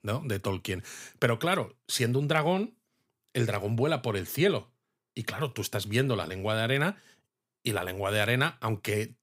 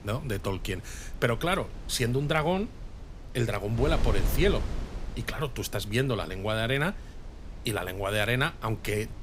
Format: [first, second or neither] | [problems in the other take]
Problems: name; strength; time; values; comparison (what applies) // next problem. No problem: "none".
first | wind noise on the microphone; occasional gusts; 15 dB below the speech